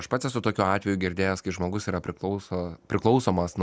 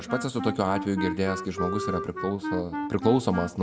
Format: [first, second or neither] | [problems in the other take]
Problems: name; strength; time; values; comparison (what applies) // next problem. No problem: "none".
first | background sound (Wind instrument, woodwind instrument); 6 dB below the speech // room echo; dies away in 0.8 s